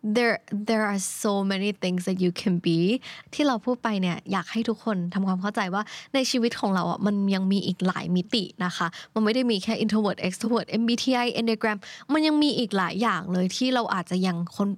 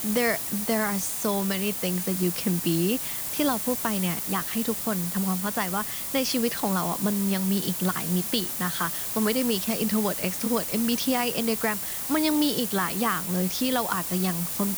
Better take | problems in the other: first | hiss; loud; throughout; 2 dB below the speech

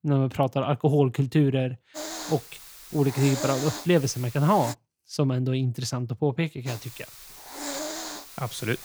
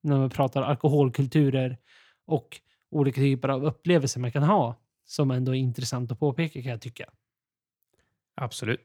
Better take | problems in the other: second | hiss; noticeable; from 2 to 4.5 s and from 6.5 s on; 10 dB below the speech

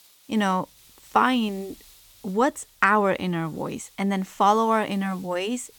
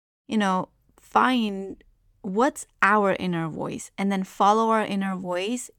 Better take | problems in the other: second | hiss; faint; throughout; 25 dB below the speech

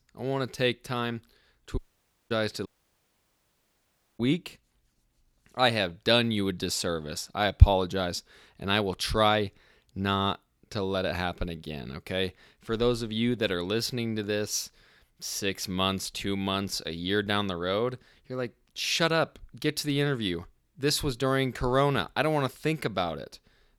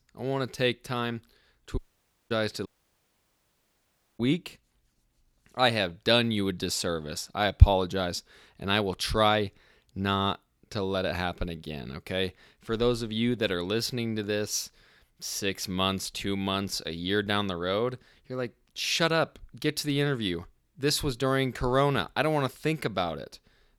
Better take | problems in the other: neither | audio cutting out; at 2 s for 0.5 s and at 2.5 s for 1.5 s; the same in both

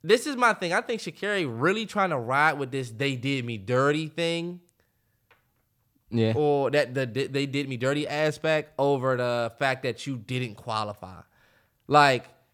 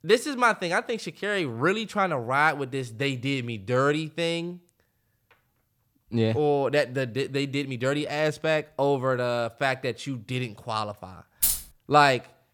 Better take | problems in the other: first | jangling keys; loud; at 11 s; peak 2 dB above the speech

